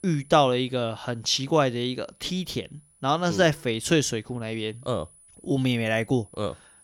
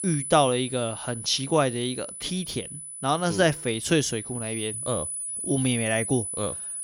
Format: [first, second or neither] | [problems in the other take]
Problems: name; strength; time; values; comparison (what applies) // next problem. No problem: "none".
first | high-pitched whine; loud; throughout; 10 kHz, 6 dB below the speech; faint in the first